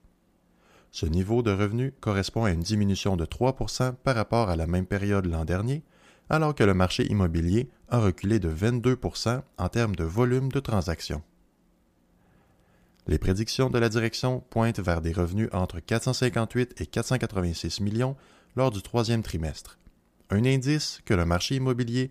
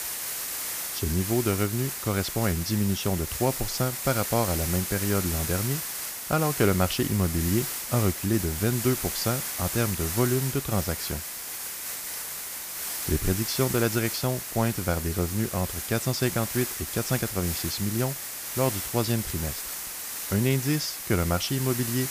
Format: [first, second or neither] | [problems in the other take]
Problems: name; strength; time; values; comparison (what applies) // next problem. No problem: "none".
first | hiss; loud; throughout; 3 dB below the speech